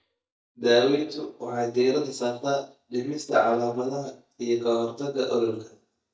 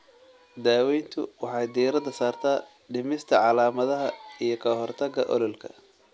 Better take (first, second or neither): second